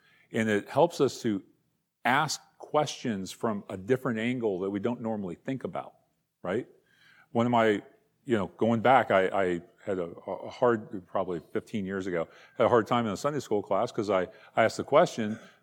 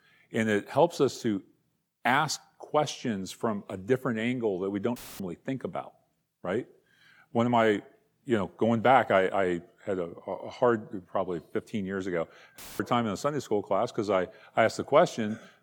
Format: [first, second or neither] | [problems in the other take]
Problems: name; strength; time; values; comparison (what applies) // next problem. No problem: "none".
first | audio cutting out; filled with static; at 5 s and at 13 s